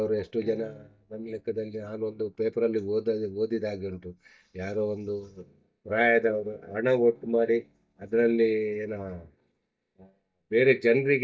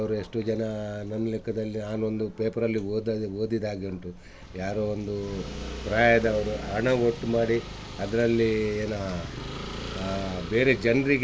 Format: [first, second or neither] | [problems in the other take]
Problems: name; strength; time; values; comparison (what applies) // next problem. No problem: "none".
second | noise reduction (neural mask model DeepFilterNet 3)